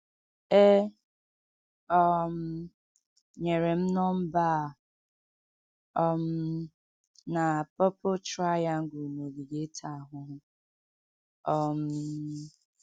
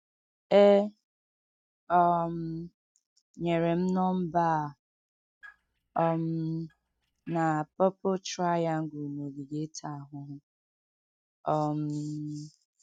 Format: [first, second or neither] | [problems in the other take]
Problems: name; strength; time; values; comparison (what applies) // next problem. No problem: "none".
first | noise reduction (neural mask model RNNoise)